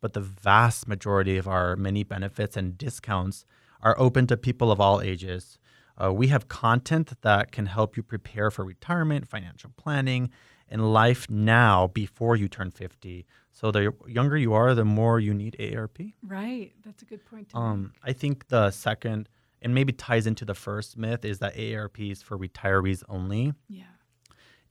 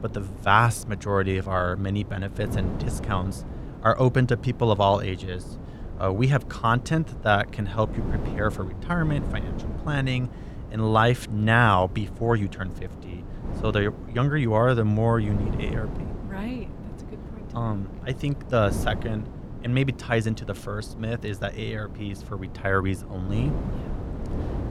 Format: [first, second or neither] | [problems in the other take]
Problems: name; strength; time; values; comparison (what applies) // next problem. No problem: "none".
first | wind noise on the microphone; occasional gusts; 15 dB below the speech